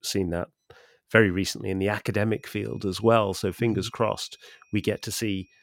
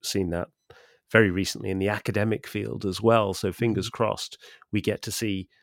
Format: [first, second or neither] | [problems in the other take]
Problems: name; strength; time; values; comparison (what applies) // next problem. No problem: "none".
second | high-pitched whine; faint; from 2.5 s on; 2.5 kHz, 35 dB below the speech